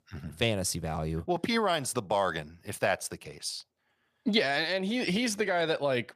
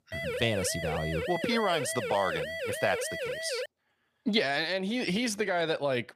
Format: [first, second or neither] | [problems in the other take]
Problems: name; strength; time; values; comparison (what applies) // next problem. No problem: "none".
first | siren; noticeable; until 3.5 s; peak 4 dB below the speech